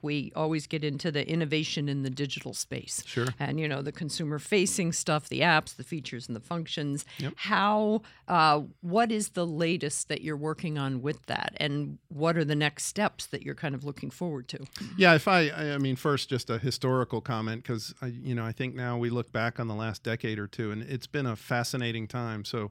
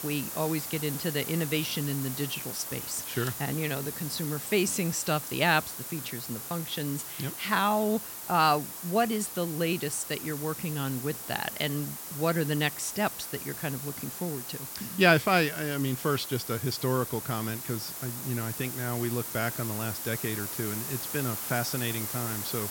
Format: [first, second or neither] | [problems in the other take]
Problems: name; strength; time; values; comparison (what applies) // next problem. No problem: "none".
first | hiss; loud; throughout; 5 dB below the speech